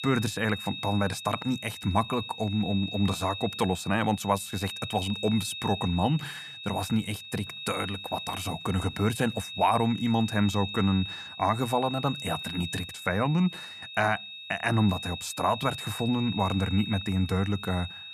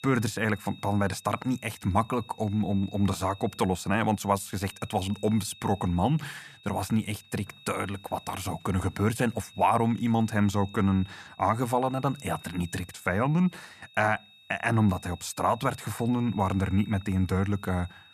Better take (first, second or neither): second